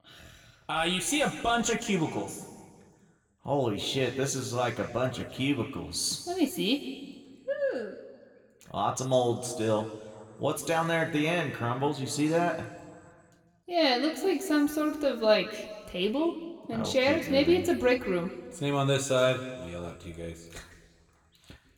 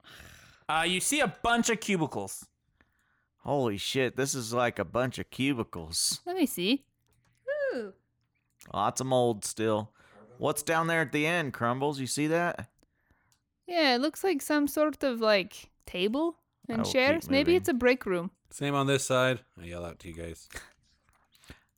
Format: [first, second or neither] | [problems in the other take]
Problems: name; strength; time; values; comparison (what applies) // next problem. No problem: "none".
second | room echo; slight; dies away in 1.5 s